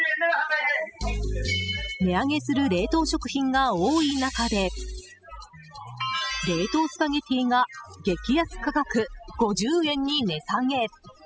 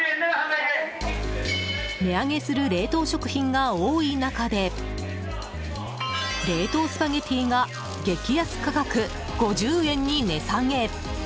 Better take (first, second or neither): second